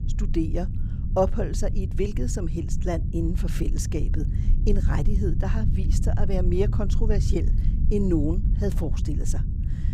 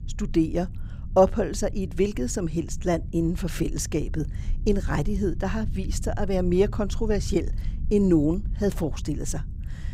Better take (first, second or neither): second